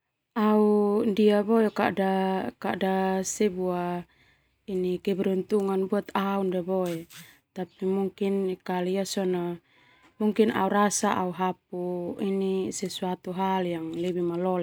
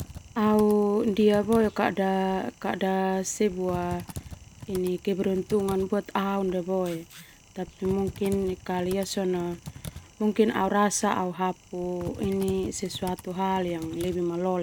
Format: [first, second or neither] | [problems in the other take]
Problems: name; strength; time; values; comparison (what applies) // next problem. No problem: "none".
first | background sound (Typing); 16 dB below the speech